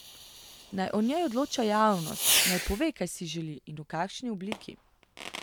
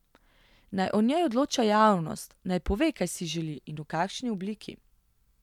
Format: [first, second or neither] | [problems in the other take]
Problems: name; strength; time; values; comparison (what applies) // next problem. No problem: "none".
second | background sound (Fireworks); 4 dB below the speech